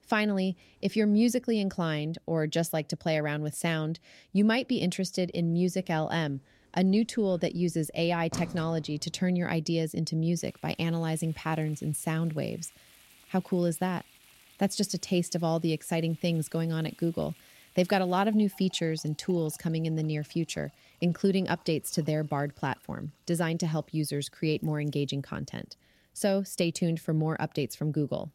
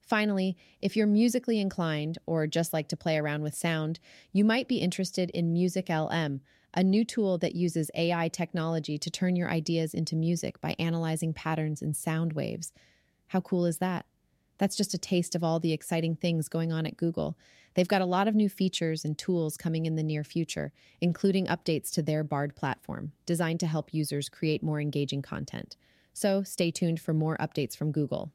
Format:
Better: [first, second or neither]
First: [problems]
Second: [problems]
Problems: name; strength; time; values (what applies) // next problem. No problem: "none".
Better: second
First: household noises; faint; throughout; 25 dB below the speech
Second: none